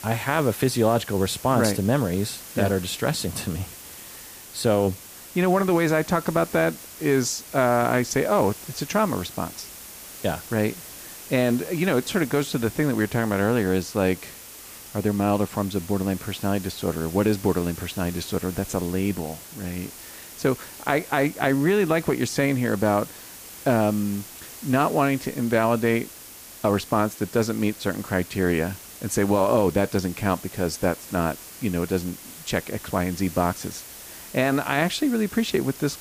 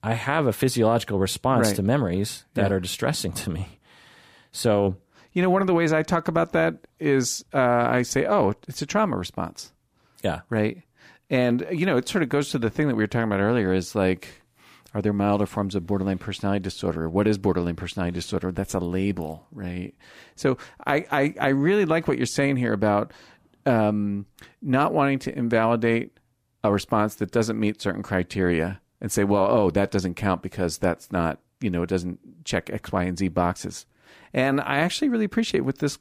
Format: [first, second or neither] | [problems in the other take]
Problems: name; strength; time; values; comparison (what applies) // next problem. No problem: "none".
second | hiss; noticeable; throughout; 15 dB below the speech